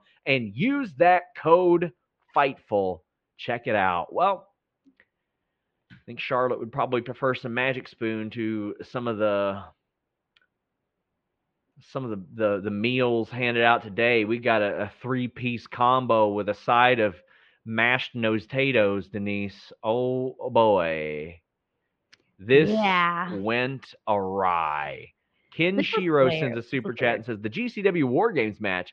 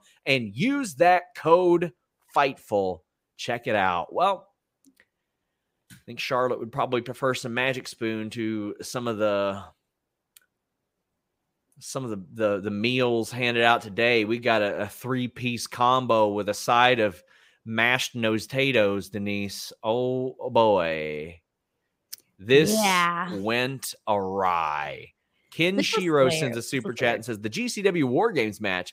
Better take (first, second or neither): second